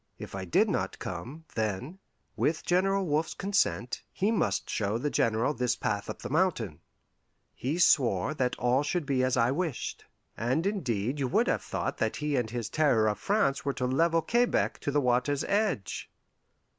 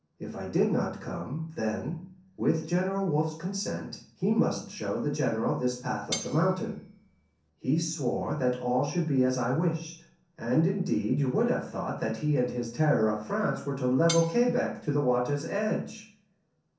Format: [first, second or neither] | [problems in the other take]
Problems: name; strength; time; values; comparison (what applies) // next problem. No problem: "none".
first | background sound (Cutlery, silverware); 13 dB below the speech // room echo; dies away in 0.6 s